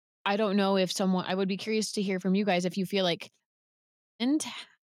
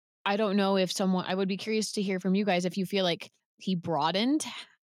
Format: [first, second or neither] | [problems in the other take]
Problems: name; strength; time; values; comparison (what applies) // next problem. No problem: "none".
second | audio cutting out; at 3.5 s for 0.5 s